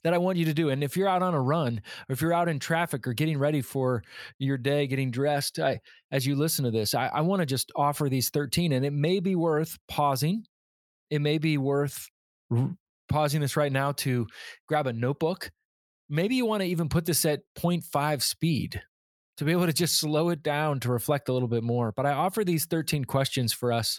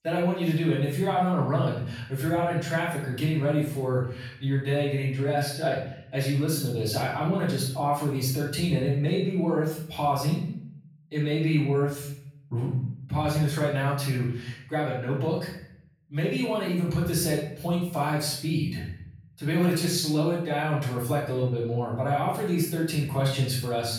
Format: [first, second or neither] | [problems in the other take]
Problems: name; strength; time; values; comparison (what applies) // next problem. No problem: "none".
first | off-mic speech; far // room echo; noticeable; dies away in 0.7 s